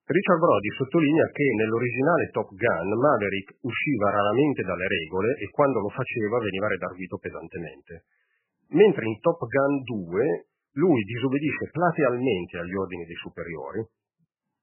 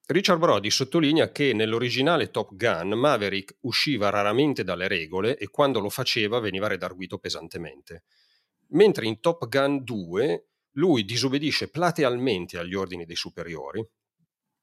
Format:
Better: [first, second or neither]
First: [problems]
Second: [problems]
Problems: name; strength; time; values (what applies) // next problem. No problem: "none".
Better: second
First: garbled, watery; badly; nothing above 3 kHz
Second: none